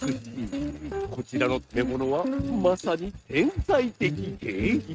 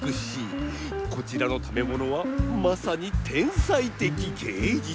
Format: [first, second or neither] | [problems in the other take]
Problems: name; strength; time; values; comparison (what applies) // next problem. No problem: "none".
second | noise reduction (neural mask model RNNoise)